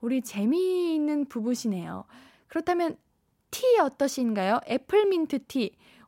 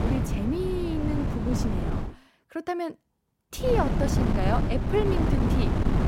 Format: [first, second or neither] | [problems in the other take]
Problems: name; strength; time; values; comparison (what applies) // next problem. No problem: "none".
first | wind noise on the microphone; heavy; until 2 s and from 3.5 s on; 2 dB below the speech